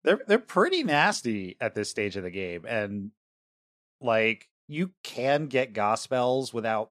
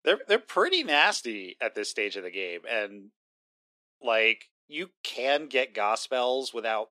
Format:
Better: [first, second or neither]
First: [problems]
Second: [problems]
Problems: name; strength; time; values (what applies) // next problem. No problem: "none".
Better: first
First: none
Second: thin; somewhat; fading below 300 Hz